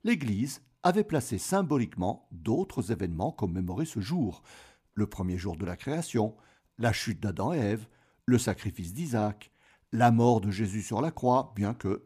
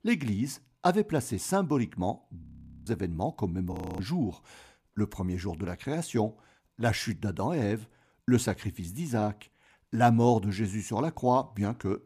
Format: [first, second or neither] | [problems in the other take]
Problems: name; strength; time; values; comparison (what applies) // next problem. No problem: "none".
first | audio freezing; at 2.5 s and at 3.5 s